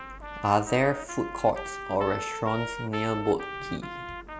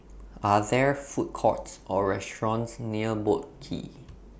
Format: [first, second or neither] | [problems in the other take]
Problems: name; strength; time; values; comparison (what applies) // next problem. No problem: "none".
second | background sound (Trumpet); 9 dB below the speech